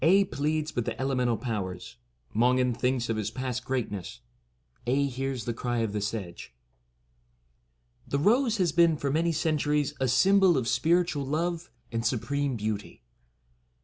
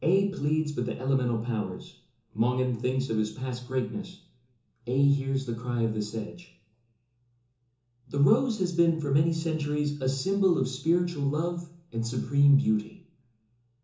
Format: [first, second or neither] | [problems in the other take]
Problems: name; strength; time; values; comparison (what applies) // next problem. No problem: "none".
first | room echo; dies away in 0.7 s